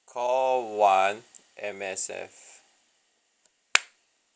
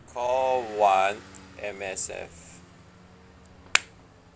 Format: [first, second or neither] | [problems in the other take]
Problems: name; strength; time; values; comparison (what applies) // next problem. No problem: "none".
first | background sound (Motor vehicle (road) / Engine + Drum); 20 dB below the speech